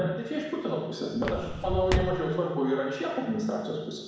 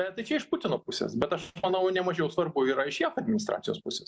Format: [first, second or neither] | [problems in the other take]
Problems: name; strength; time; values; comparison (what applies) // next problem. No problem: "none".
second | background sound (Walk, footsteps); 2 dB below the speech // room echo; dies away in 1.1 s